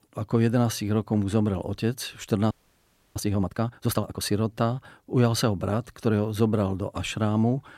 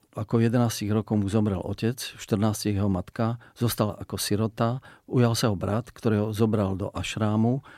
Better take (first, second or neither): second